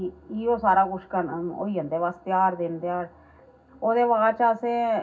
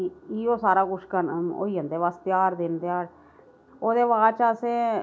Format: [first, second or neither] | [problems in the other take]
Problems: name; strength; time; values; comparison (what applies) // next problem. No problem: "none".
second | room echo; dies away in 0.4 s